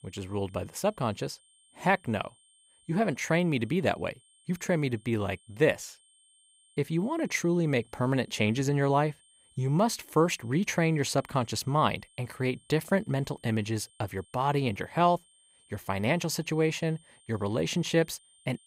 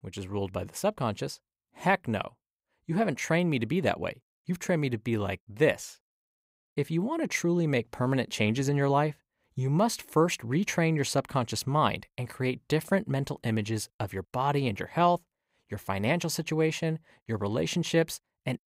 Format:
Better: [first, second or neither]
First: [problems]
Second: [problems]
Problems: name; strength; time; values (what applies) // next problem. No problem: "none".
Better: second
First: high-pitched whine; faint; throughout; 8.5 kHz, 30 dB below the speech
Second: none